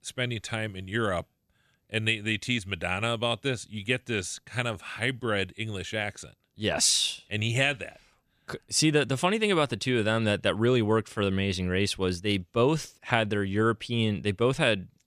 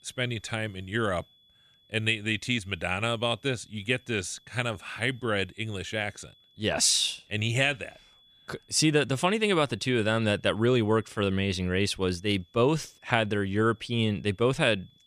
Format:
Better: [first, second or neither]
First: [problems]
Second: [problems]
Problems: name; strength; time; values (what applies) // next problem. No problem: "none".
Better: first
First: none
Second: high-pitched whine; faint; throughout; 3.5 kHz, 30 dB below the speech